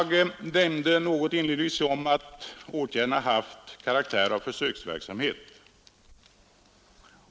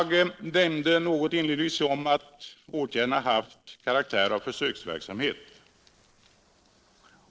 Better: first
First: none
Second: noise reduction (neural separator model SepFormer DNS4)

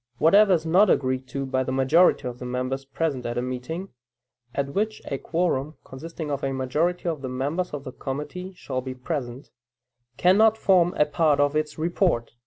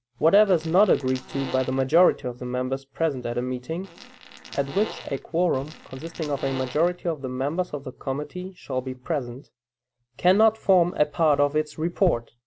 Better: first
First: none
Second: background sound (Fart); 16 dB below the speech

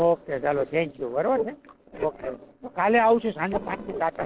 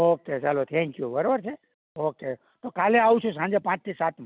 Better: second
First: noise reduction (neural separator model SepFormer DNS4)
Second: none

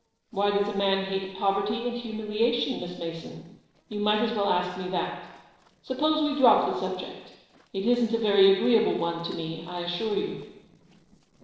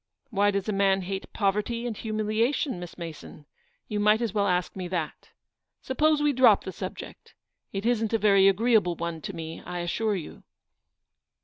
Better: second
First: noise reduction (neural separator model SepFormer DNS4)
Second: none

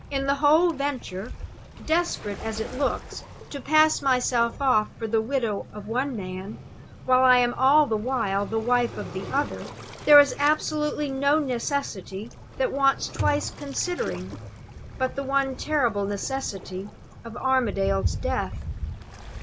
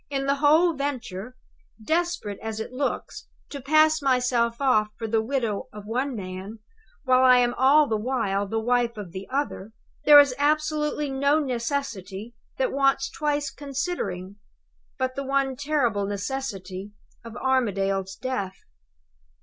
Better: second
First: background sound (Waves, surf + Thump, thud); 11 dB below the speech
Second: none

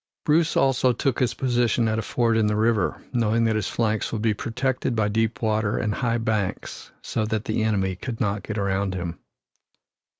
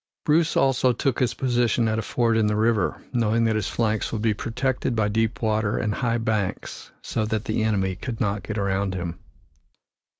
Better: first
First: none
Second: background sound (Boom); 18 dB below the speech

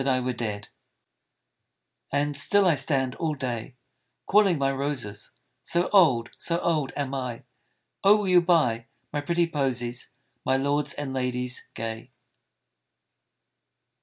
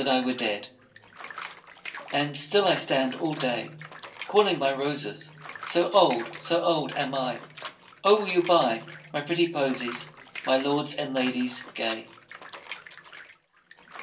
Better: first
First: none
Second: background sound (Bathtub (filling or washing) / Water); 16 dB below the speech // room echo; dies away in 0.2 s

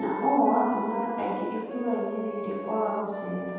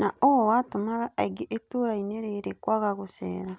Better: second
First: background sound (Wind instrument, woodwind instrument); 10 dB below the speech // room echo; dies away in 1.2 s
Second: none

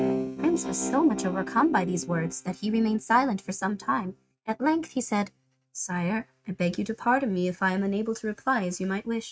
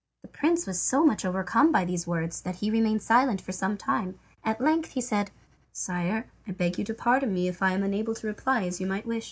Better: second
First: noise reduction (neural mask model RNNoise)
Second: none

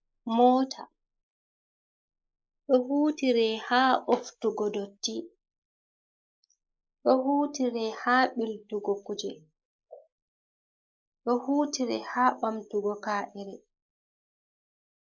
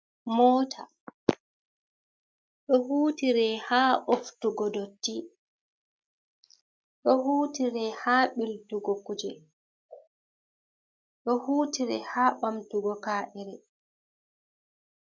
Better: second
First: noise reduction (neural mask model Resemble Enhance denoiser)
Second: none

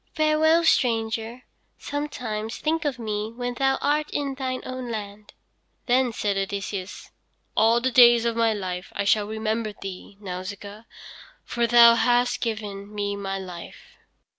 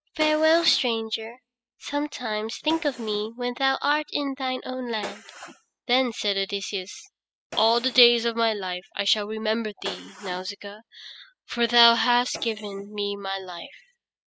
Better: first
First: none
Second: noise reduction (classical method spectral subtraction)

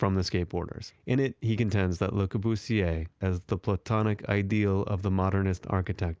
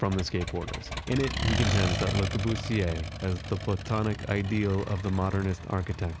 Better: first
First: none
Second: background sound (Accelerating, revving, vroom); 4 dB below the speech

